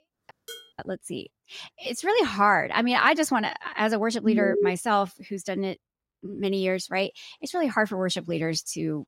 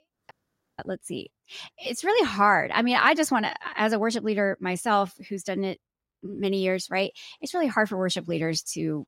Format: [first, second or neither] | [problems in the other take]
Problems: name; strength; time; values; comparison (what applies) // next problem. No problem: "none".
second | clattering dishes; faint; at 0.5 s; peak 15 dB below the speech // alarm; loud; at 4.5 s; peak 2 dB above the speech